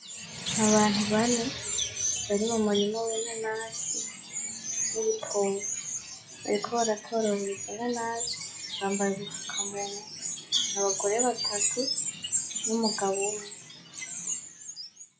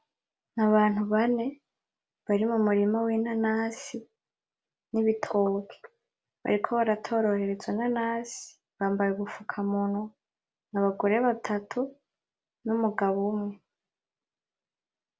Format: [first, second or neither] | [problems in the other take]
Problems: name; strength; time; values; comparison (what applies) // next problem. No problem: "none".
second | noise reduction (classical method log-MMSE)